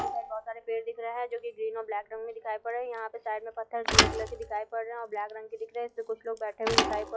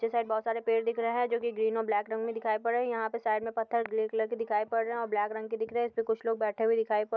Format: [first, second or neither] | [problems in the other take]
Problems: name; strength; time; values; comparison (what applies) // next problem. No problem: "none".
second | noise reduction (classical method log-MMSE)